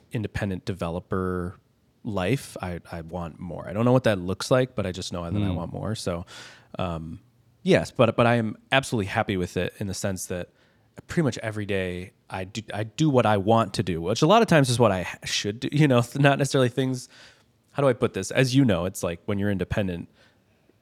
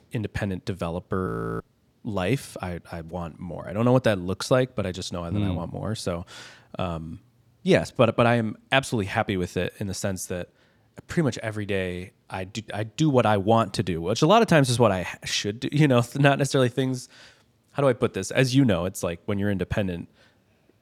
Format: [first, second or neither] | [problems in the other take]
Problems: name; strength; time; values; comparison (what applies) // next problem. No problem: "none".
first | audio freezing; at 1.5 s